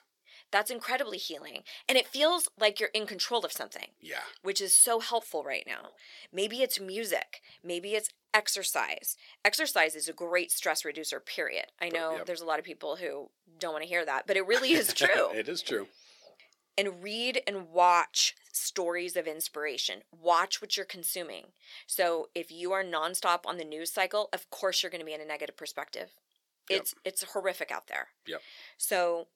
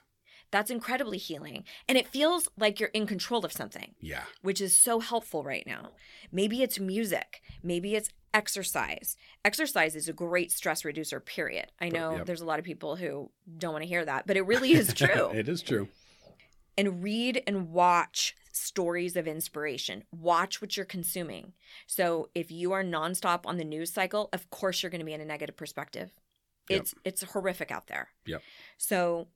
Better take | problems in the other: second | thin; somewhat; fading below 500 Hz

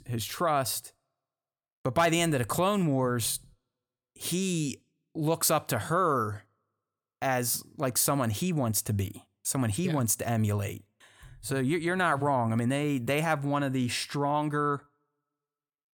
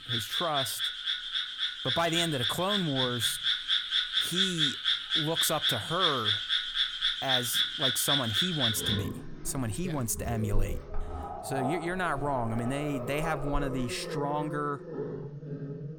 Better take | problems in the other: first | animal sounds; very loud; throughout; 3 dB above the speech

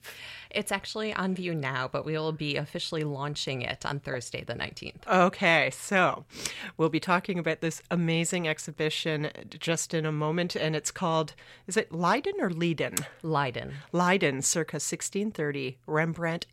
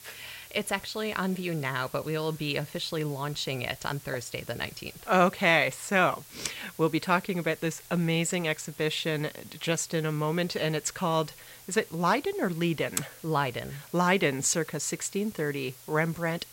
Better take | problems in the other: first | hiss; noticeable; throughout; 20 dB below the speech

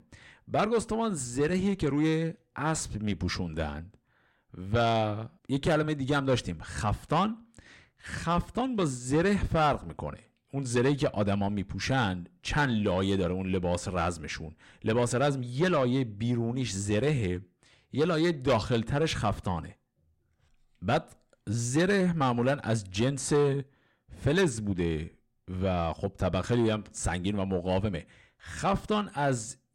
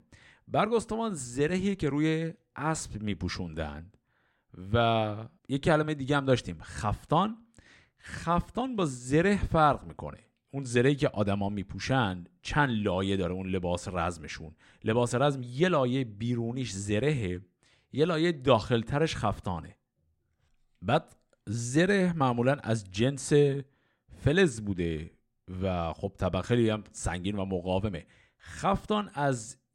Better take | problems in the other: second | distortion; slight; 10 dB below the speech

